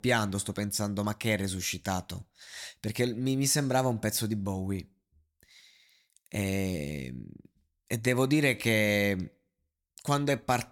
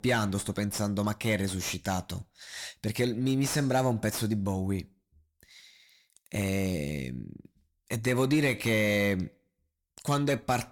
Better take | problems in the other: first | distortion; slight; 10 dB below the speech

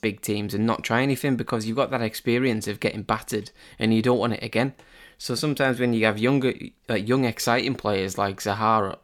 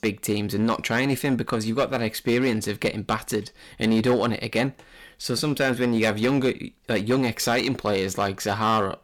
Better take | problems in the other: first | distortion; slight; 7% of the sound clipped

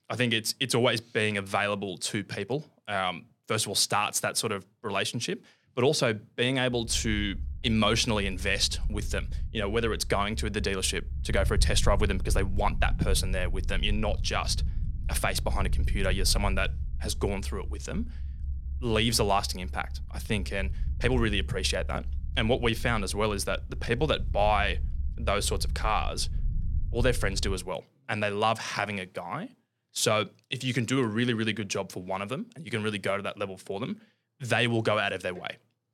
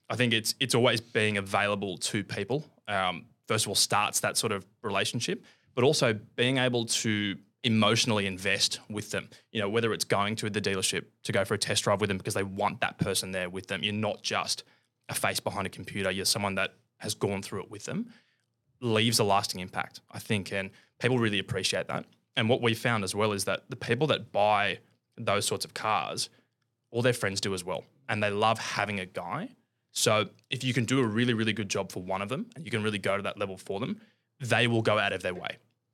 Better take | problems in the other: second | low rumble; faint; from 7 to 28 s; 25 dB below the speech

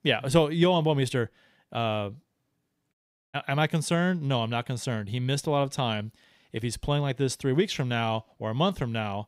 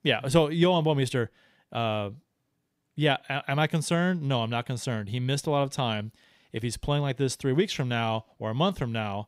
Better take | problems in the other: second | audio cutting out; at 3 s

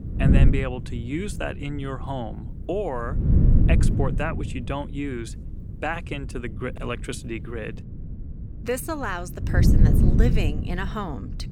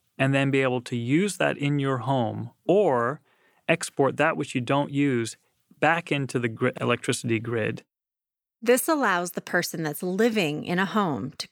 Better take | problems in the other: second | wind noise on the microphone; heavy; 3 dB below the speech

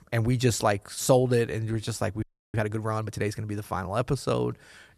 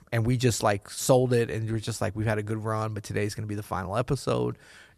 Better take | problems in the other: second | audio freezing; at 2 s

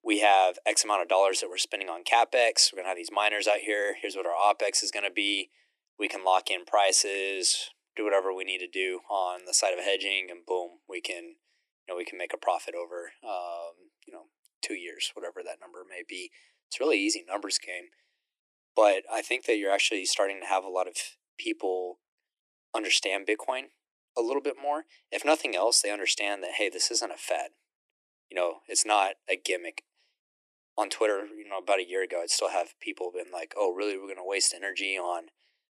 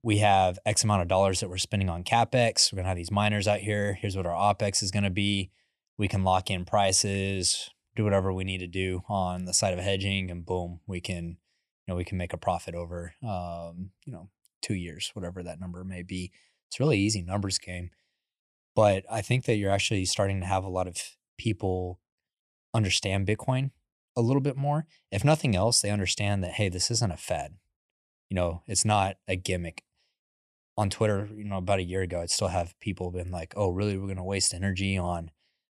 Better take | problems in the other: second | thin; very; fading below 300 Hz

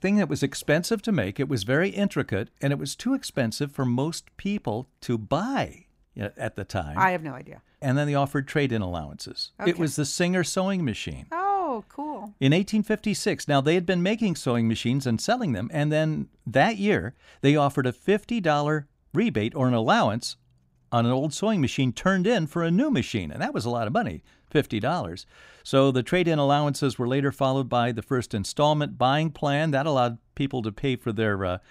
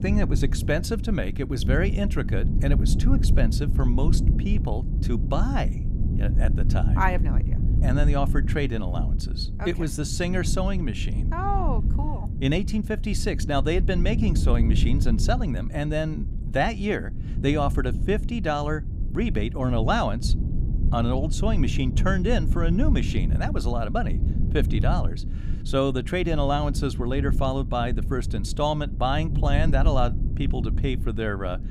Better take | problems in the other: first | low rumble; noticeable; throughout; 10 dB below the speech

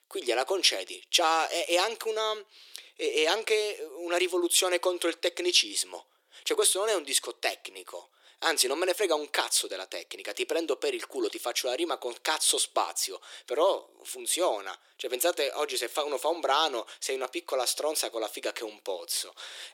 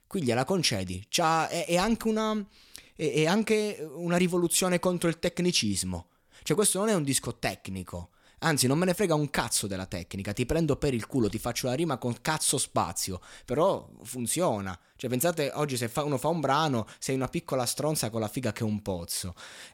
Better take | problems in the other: second | thin; very; fading below 350 Hz

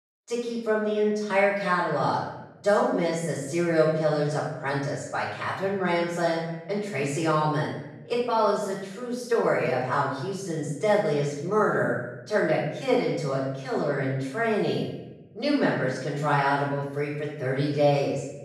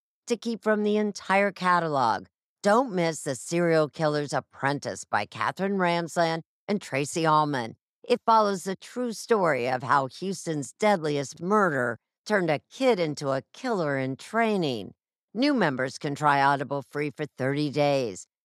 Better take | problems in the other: second | off-mic speech; far // room echo; noticeable; dies away in 0.9 s

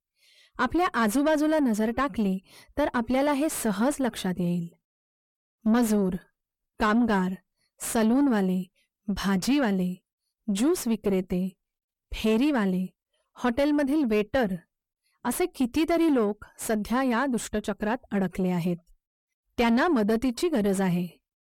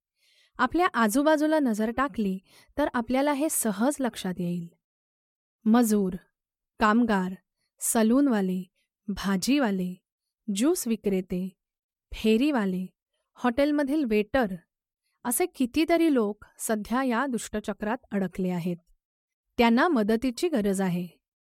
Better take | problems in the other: second | distortion; slight; 10 dB below the speech

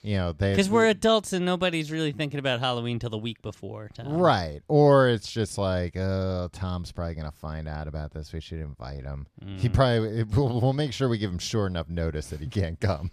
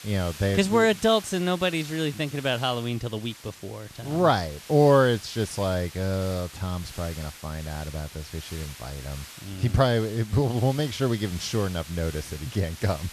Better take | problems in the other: first | hiss; noticeable; throughout; 15 dB below the speech

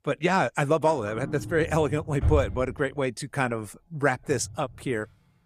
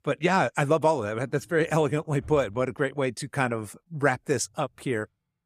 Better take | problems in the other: second | household noises; loud; throughout; 8 dB below the speech; faint in the second

